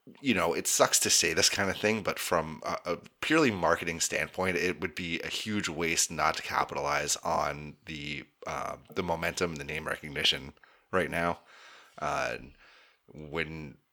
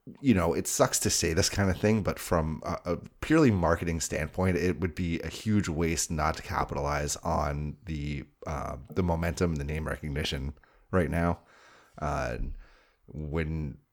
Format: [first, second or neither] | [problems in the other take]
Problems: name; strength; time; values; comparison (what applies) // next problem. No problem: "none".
second | thin; somewhat; fading below 550 Hz